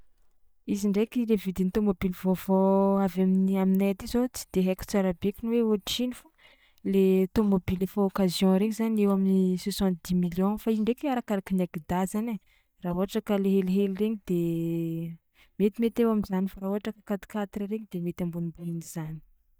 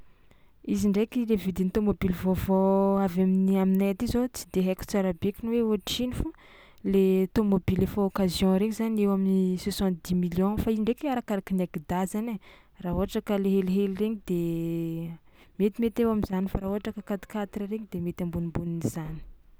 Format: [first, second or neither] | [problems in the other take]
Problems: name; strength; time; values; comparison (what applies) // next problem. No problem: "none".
second | noise reduction (neural mask model DeepFilterNet 3)